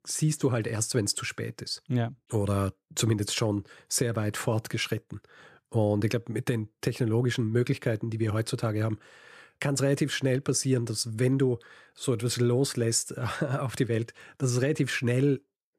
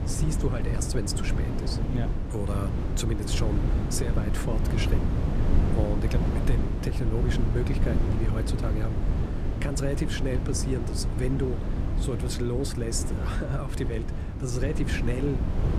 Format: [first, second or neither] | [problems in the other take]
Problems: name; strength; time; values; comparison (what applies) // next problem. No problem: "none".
first | wind noise on the microphone; heavy; 3 dB below the speech